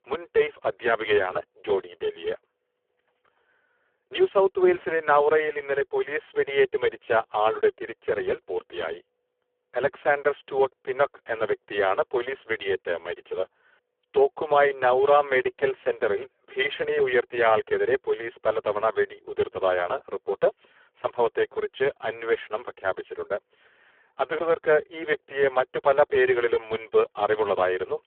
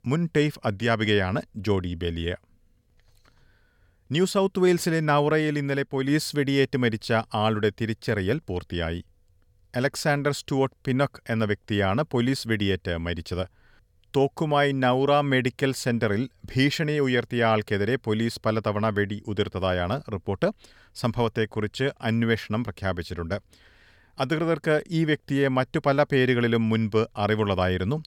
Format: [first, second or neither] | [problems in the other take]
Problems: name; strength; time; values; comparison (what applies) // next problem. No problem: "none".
second | phone-call audio; poor line